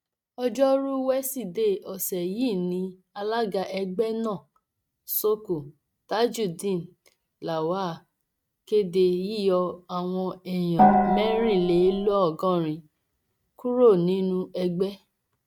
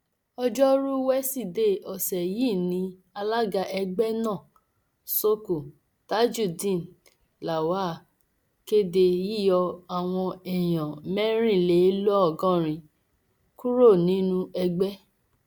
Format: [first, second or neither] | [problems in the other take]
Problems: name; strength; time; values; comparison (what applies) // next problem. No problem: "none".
second | noise reduction (neural mask model RNNoise)